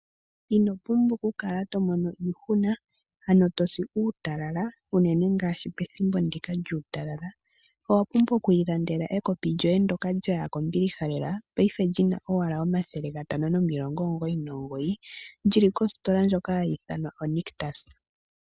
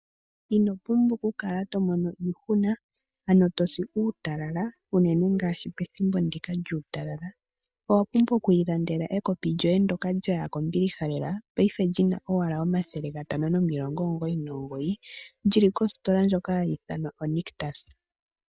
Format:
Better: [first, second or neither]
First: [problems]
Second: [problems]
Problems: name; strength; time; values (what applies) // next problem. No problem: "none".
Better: first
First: none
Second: noise reduction (neural mask model DeepFilterNet 3)